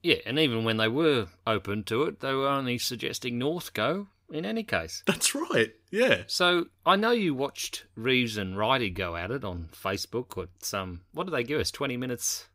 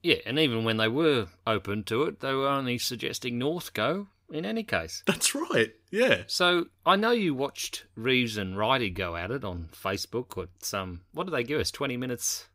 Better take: neither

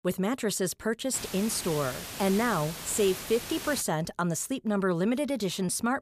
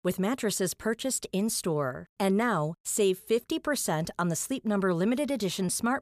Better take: second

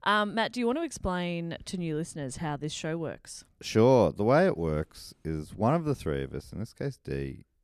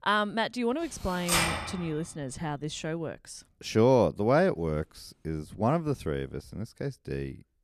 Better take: first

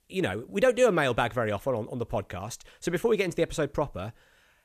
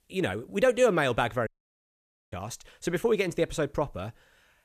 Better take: first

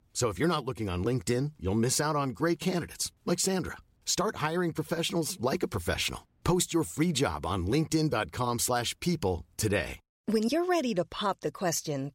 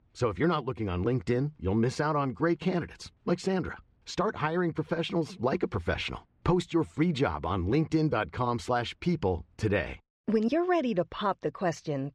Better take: first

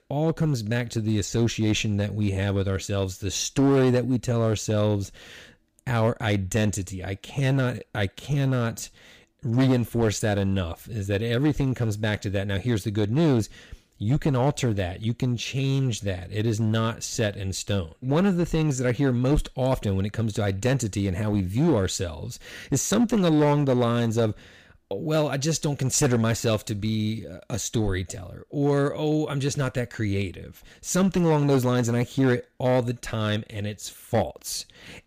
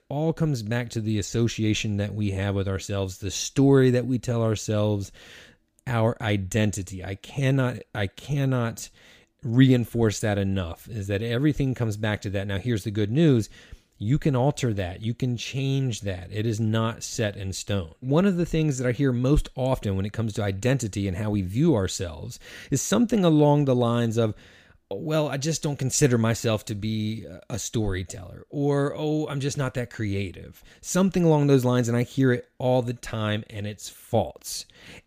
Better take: second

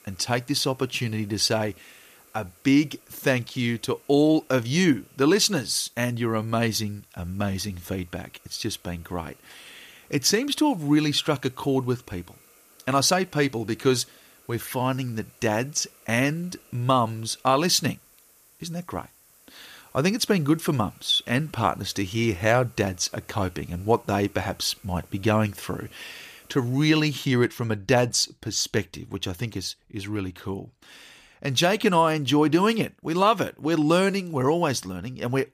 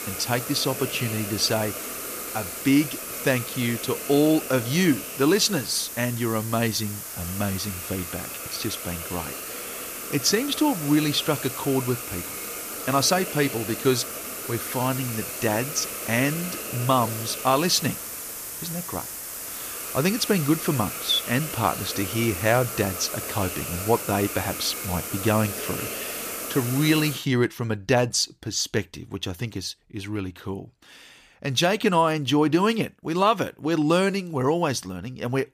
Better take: first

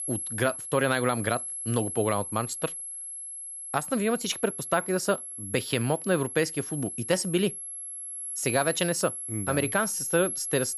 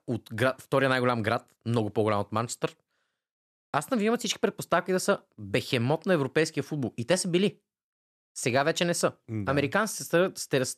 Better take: second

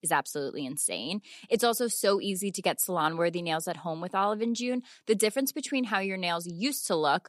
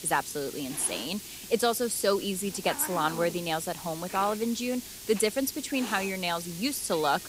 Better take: first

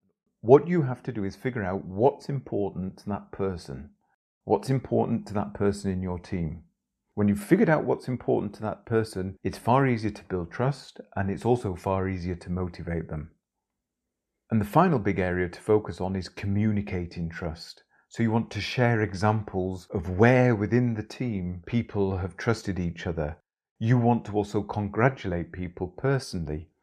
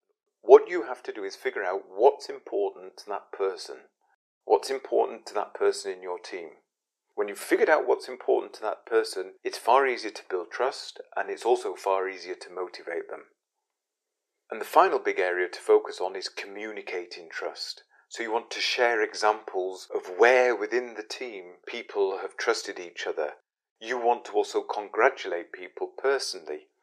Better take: first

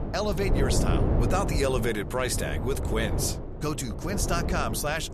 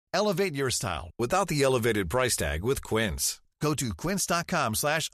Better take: second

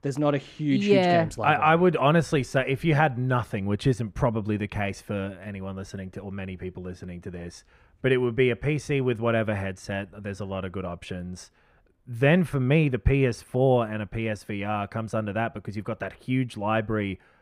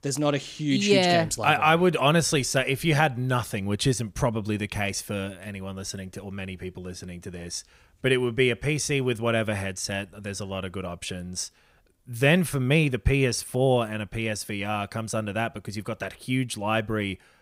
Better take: second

